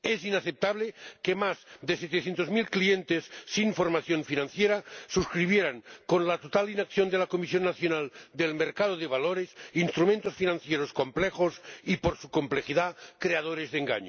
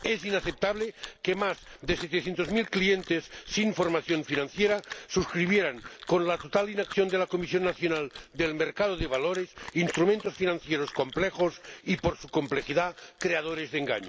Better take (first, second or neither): first